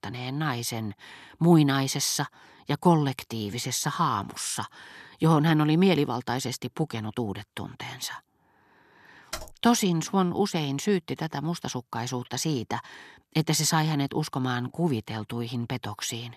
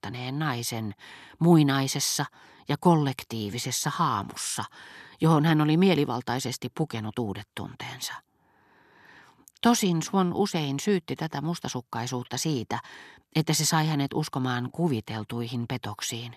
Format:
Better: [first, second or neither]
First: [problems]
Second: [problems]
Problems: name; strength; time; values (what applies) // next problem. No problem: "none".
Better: second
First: keyboard typing; faint; at 9.5 s; peak 10 dB below the speech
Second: none